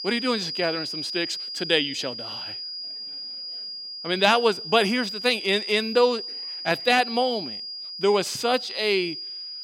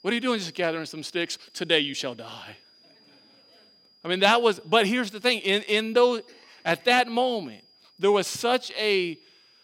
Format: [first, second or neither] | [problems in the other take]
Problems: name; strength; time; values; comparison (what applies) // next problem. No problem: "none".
second | high-pitched whine; loud; throughout; 5 kHz, 8 dB below the speech; faint in the second